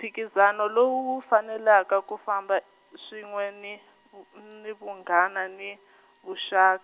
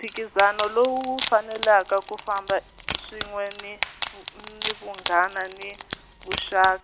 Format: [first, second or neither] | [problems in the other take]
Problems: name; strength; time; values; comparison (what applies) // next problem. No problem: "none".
first | background sound (Wood); 10 dB below the speech